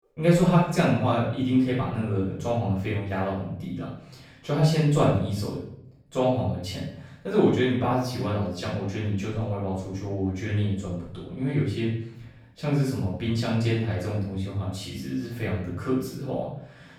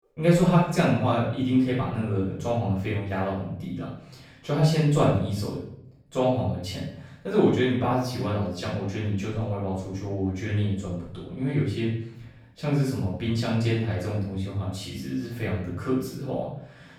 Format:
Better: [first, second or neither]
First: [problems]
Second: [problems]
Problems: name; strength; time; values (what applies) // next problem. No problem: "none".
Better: neither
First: off-mic speech; far // room echo; noticeable; dies away in 0.6 s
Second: off-mic speech; far // room echo; noticeable; dies away in 0.6 s